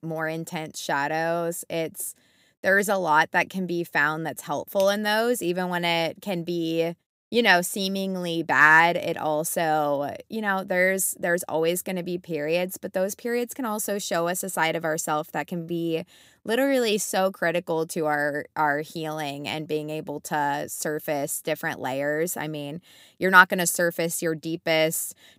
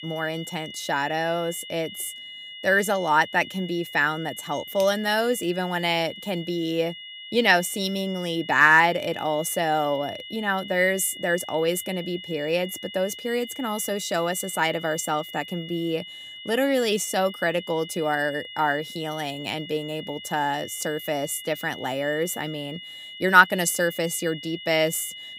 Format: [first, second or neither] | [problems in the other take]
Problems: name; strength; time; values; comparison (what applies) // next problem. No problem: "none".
first | high-pitched whine; noticeable; throughout; 3 kHz, 15 dB below the speech